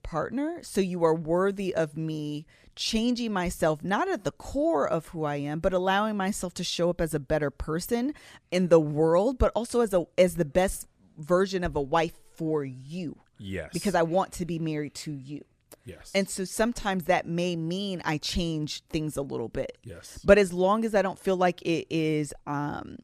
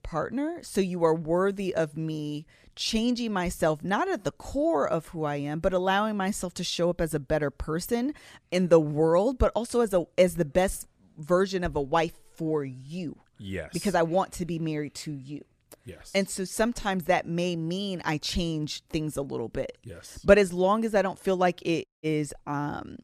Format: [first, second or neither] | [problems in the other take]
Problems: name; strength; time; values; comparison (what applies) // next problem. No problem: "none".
first | audio cutting out; at 22 s